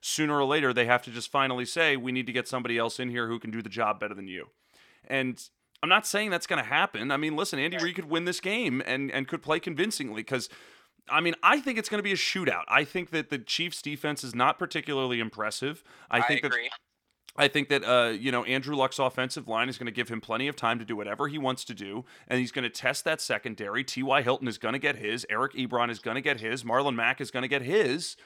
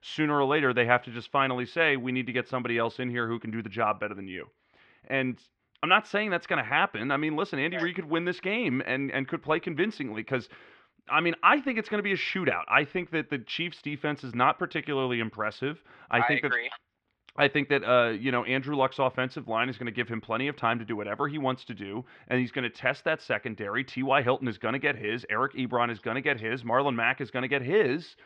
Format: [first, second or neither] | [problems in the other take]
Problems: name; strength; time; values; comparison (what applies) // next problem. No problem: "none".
first | muffled; very; fading above 3 kHz